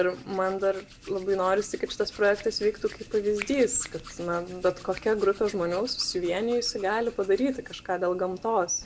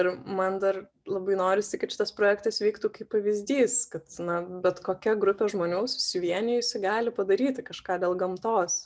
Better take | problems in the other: second | background sound (Hands); 19 dB below the speech

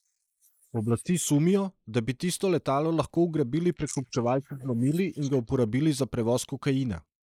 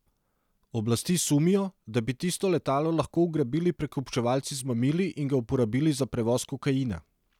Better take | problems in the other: second | noise reduction (neural mask model Resemble Enhance denoiser)

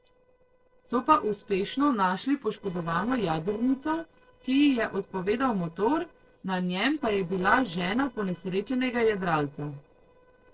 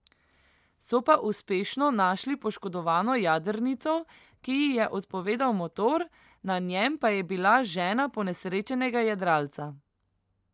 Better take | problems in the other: second | noise reduction (neural separator model SepFormer DNS4)

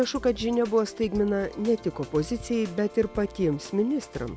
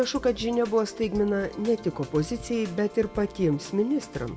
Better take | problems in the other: first | room echo; dies away in 0.4 s

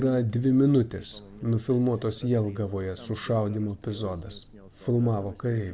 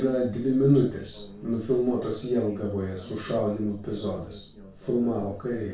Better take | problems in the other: first | room echo; dies away in 0.3 s

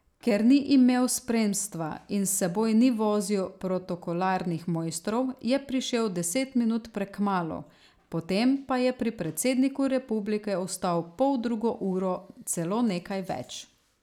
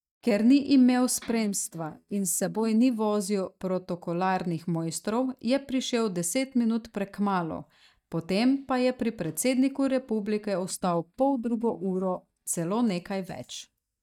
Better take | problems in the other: first | noise reduction (neural mask model DeepFilterNet 3)

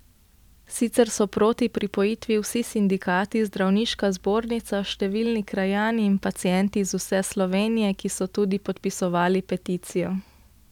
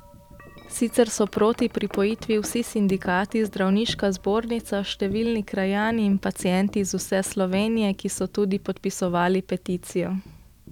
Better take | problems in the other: first | background sound (Wind chime); 19 dB below the speech

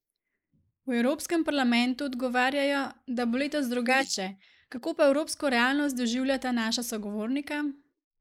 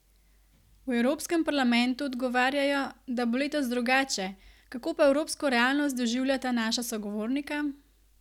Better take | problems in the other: second | noise reduction (neural mask model Resemble Enhance denoiser)

